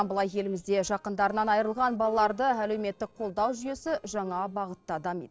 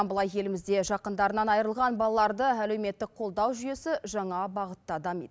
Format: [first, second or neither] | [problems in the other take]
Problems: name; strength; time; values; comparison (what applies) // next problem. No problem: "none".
second | noise reduction (neural separator model SepFormer DNS4)